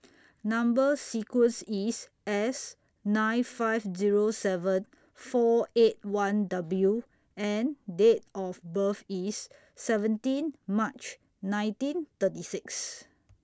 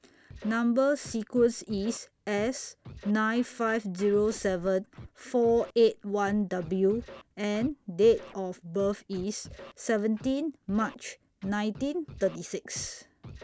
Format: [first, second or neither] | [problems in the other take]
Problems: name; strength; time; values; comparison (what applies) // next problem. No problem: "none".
first | background sound (Scratching (performance technique)); 20 dB below the speech